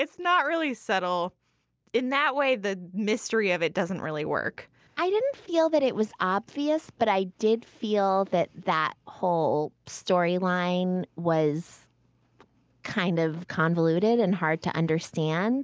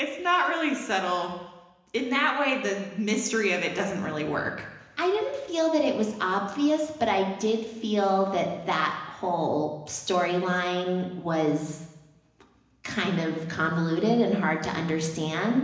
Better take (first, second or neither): first